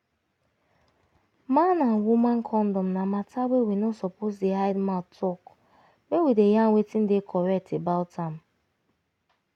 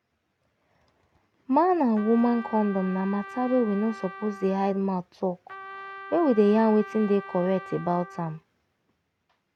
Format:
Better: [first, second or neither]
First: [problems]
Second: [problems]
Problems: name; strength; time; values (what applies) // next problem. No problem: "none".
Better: first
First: none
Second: background sound (Trumpet); 15 dB below the speech